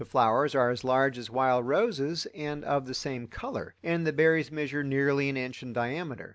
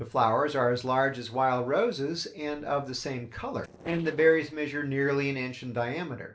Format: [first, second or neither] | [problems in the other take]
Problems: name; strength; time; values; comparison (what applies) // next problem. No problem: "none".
first | noise reduction (neural separator model SepFormer DNS4)